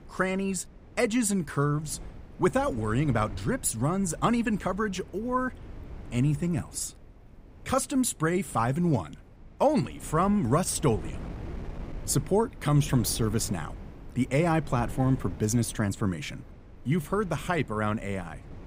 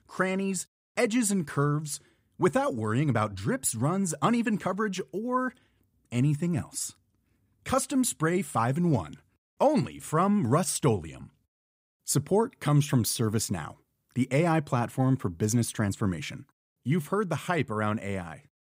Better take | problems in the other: second | wind noise on the microphone; occasional gusts; 20 dB below the speech

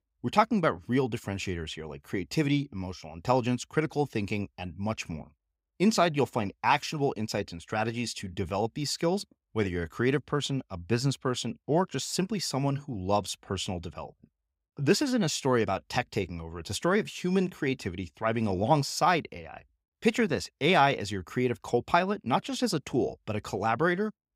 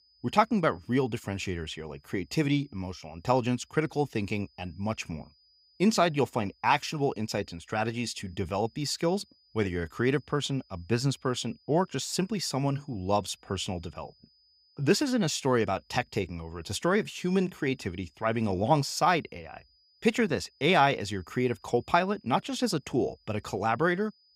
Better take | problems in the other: first | high-pitched whine; faint; throughout; 5 kHz, 35 dB below the speech

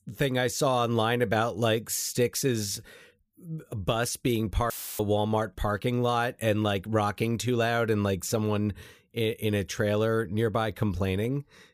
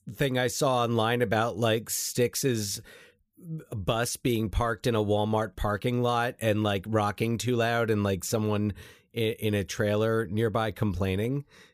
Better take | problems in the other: second | audio cutting out; filled with static; at 4.5 s

